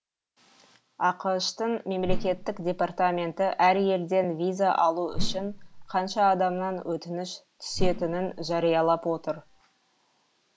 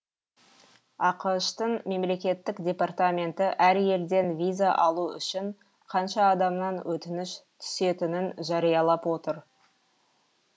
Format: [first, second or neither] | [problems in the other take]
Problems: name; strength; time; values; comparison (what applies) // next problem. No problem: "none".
second | background sound (Whoosh, swoosh, swish); 5 dB below the speech